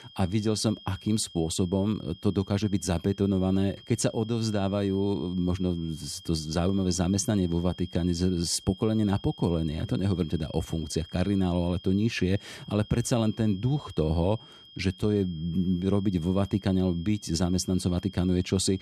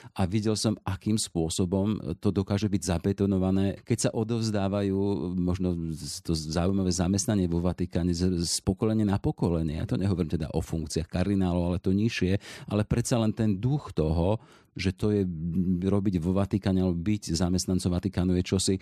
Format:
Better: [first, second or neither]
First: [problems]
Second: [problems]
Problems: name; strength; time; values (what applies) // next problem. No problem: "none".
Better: second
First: high-pitched whine; noticeable; throughout; 3 kHz, 20 dB below the speech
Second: none